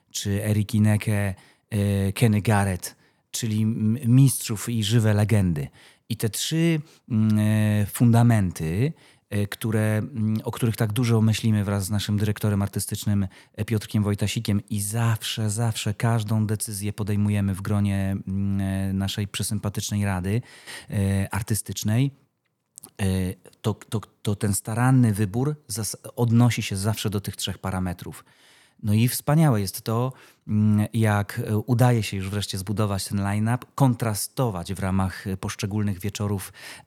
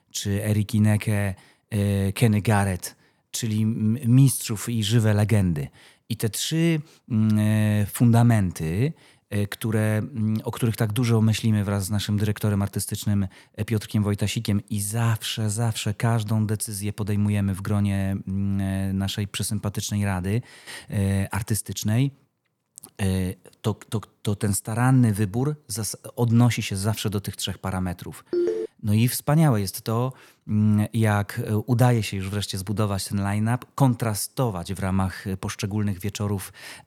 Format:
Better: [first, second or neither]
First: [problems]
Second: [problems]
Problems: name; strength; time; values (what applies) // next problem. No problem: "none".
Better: first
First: none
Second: phone ringing; noticeable; at 28 s; peak 1 dB below the speech